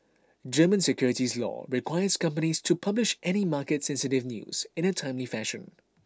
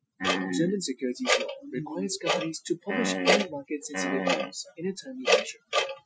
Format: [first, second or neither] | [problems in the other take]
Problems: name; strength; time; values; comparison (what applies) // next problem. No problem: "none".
first | noise reduction (classical method Wiener filter)